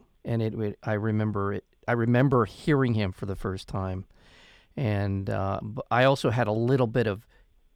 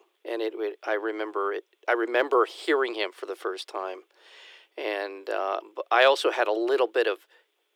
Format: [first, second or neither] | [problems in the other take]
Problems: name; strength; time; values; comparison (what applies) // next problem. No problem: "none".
first | thin; very; fading below 350 Hz